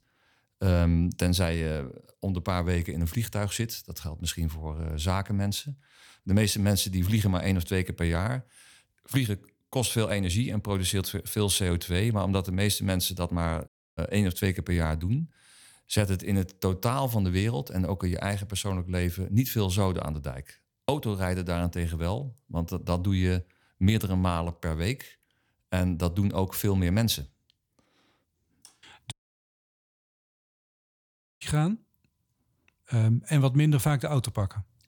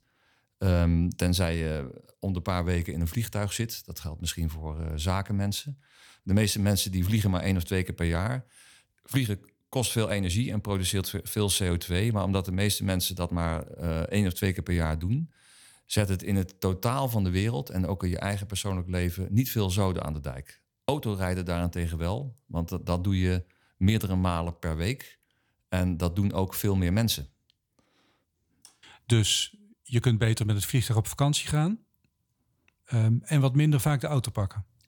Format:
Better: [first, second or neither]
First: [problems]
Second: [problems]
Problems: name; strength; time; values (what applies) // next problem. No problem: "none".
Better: second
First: audio cutting out; at 14 s and at 29 s for 2.5 s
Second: none